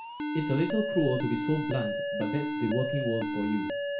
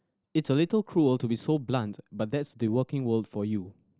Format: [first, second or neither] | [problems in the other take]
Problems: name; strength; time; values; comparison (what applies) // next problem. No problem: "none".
second | background sound (Alarm); 1 dB below the speech // room echo; dies away in 0.3 s